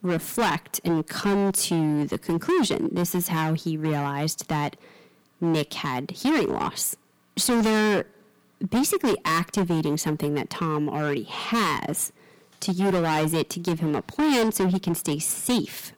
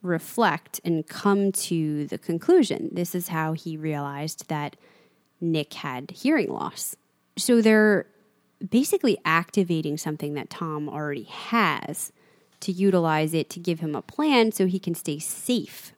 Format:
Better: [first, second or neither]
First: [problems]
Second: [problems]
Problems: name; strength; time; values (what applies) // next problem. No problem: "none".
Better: second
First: distortion; heavy; 16% of the sound clipped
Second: none